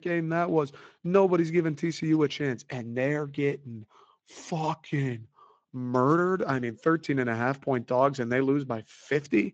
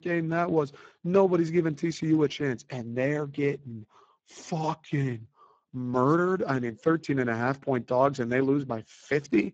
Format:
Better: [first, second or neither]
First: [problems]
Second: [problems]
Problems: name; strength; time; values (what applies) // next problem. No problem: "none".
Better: first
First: garbled, watery; slightly; nothing above 7.5 kHz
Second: garbled, watery; badly; nothing above 7.5 kHz